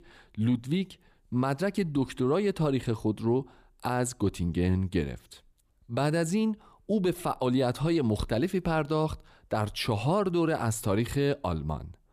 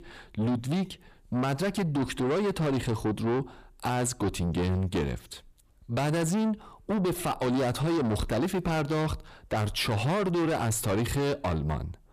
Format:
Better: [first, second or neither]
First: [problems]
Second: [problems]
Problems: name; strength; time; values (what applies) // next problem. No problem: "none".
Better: first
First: none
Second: distortion; heavy; 7 dB below the speech